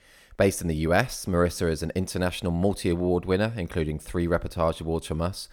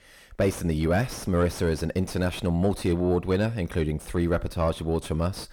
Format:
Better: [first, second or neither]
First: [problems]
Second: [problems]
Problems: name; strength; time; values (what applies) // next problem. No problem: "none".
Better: first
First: none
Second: distortion; slight; 9 dB below the speech